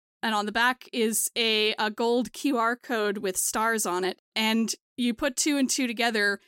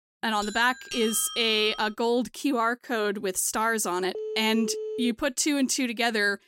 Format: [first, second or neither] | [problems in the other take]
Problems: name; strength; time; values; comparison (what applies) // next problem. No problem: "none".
first | doorbell; noticeable; until 2 s; peak 7 dB below the speech // phone ringing; noticeable; at 4 s; peak 7 dB below the speech